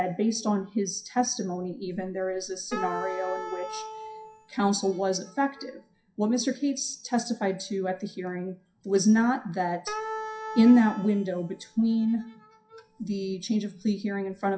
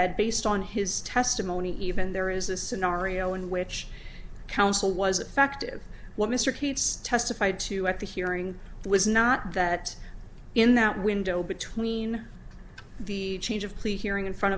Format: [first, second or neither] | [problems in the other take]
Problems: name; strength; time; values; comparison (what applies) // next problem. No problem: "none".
second | noise reduction (classical method WPE with log-MMSE)